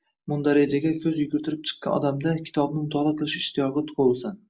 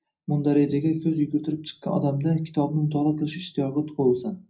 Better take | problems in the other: first | room echo; dies away in 0.4 s

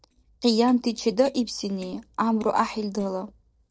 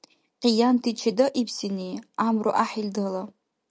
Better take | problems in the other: second | noise reduction (neural separator model SepFormer DNS4)

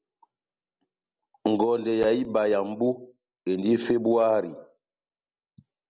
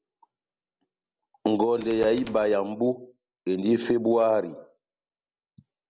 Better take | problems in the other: first | background sound (Tools); 18 dB below the speech

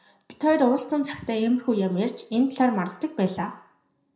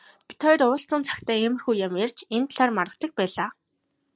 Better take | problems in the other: second | room echo; dies away in 0.5 s

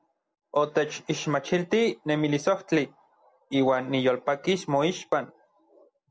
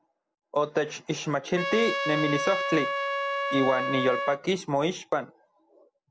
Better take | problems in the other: first | background sound (Trumpet); 1 dB below the speech

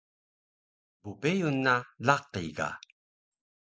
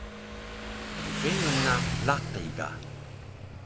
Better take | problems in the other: first | background sound (Motorcycle); 1 dB above the speech

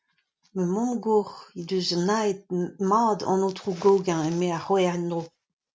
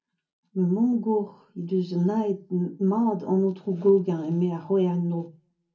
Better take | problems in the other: first | room echo; dies away in 0.4 s

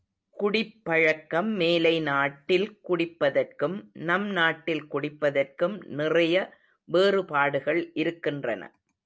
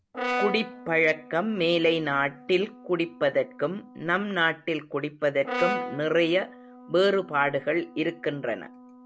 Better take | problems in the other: first | background sound (Brass instrument); 11 dB below the speech

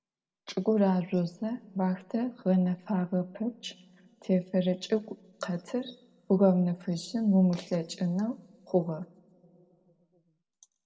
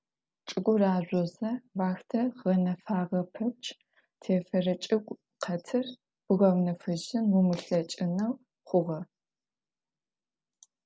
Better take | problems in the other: second | room echo; dies away in 0.9 s

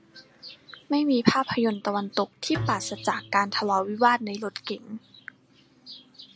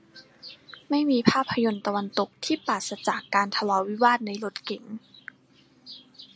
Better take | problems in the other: second | background sound (Bowed string instrument); 14 dB below the speech

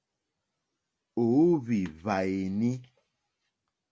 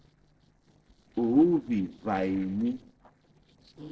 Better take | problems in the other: first | noise reduction (neural separator model SepFormer DNS4)

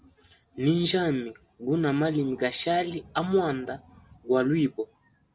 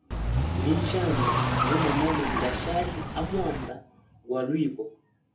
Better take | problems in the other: first | background sound (Car); 3 dB above the speech // room echo; dies away in 0.3 s

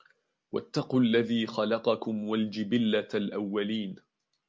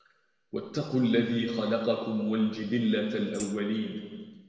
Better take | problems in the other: first | background sound (Tambourine); 16 dB below the speech // room echo; dies away in 1.6 s

